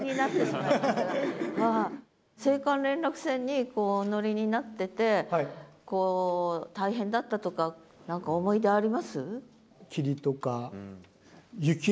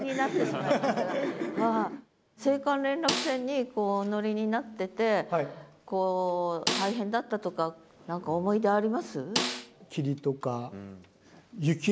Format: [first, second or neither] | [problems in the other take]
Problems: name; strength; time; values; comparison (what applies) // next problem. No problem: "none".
first | background sound (Snare drum); 5 dB below the speech